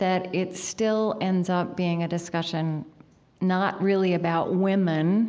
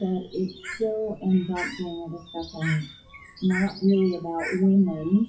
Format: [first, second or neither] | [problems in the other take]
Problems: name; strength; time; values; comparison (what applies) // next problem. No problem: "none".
first | noise reduction (classical method WPE with log-MMSE)